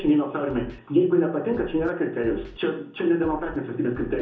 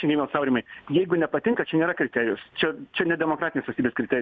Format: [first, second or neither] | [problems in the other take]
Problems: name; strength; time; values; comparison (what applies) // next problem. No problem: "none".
second | background sound (Scratching (performance technique)); 19 dB below the speech // room echo; dies away in 0.6 s